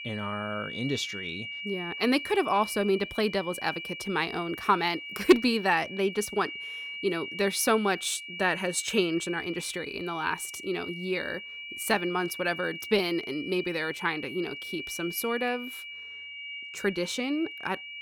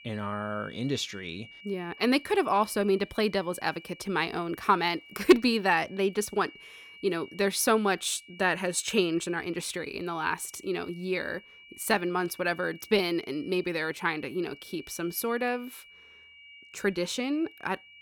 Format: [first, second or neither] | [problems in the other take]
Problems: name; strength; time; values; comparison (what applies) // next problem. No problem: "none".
second | high-pitched whine; loud; throughout; 2.5 kHz, 8 dB below the speech; faint in the second